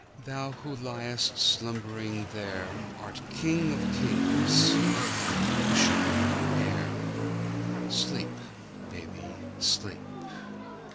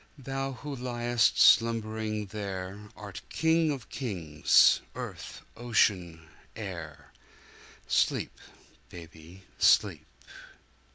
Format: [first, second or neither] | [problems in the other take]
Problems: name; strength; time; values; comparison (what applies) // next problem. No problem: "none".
second | background sound (Motorcycle / Accelerating, revving, vroom); 3 dB above the speech